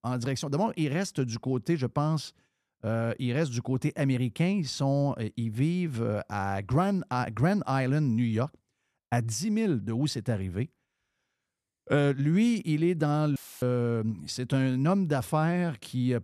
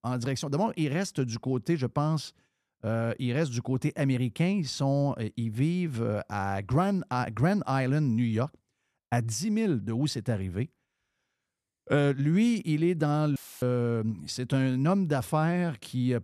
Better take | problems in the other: neither | audio cutting out; filled with static; at 13 s; the same in both

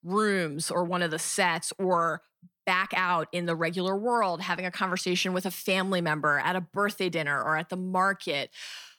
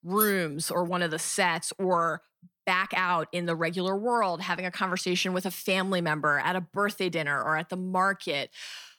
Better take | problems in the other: first | jangling keys; noticeable; at the start; peak 2 dB below the speech

